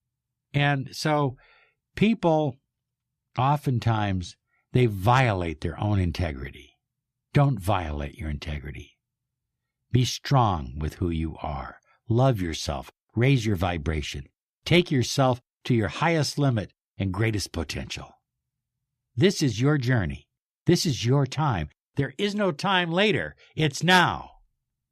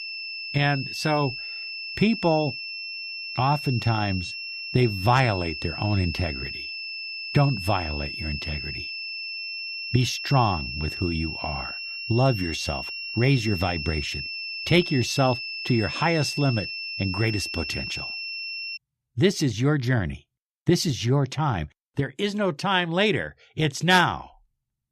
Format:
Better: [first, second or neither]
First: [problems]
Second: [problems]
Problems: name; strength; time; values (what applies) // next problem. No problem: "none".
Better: first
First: none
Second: high-pitched whine; loud; until 19 s; 2.5 kHz, 6 dB below the speech